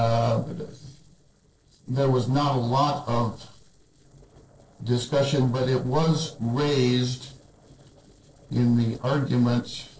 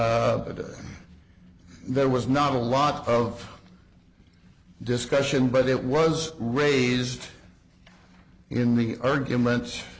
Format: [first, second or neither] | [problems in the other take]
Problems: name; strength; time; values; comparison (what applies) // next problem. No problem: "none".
second | noise reduction (neural separator model SepFormer DNS4)